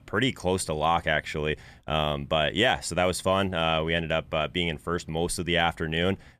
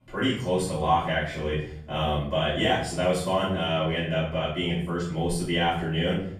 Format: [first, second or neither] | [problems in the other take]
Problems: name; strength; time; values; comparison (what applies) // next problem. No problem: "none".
first | room echo; noticeable; dies away in 0.7 s // off-mic speech; far